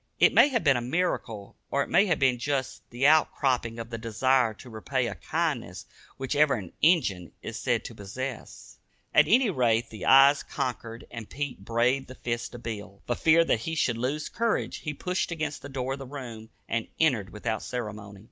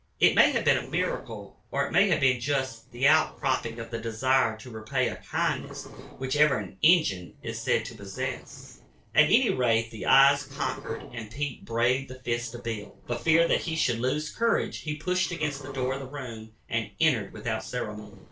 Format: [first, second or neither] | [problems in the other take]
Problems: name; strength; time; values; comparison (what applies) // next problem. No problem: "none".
first | noise reduction (neural separator model SepFormer DNS4)